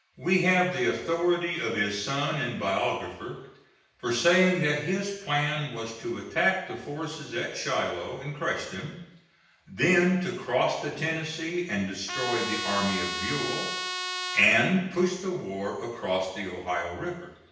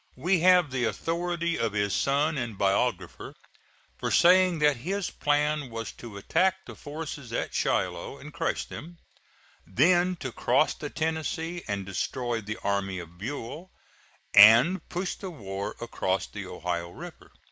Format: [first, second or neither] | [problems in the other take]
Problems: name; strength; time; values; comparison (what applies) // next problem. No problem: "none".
second | background sound (Trumpet); 4 dB below the speech // room echo; dies away in 0.9 s